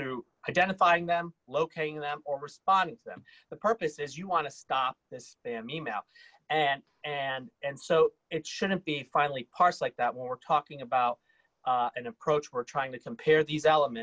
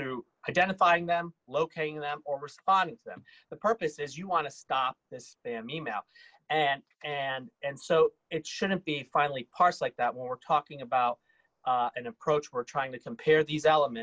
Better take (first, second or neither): first